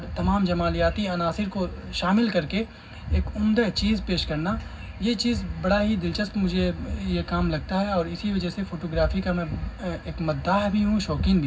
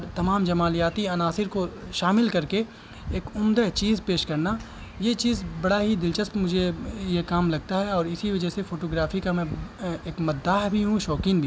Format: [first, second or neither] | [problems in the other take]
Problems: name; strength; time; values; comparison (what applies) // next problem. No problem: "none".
second | room echo; dies away in 0.4 s